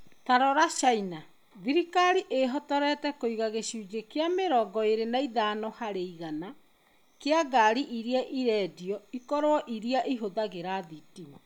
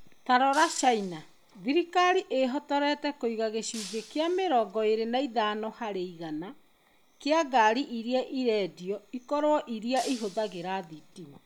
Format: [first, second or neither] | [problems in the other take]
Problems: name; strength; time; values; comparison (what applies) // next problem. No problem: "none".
first | background sound (Shatter); 18 dB below the speech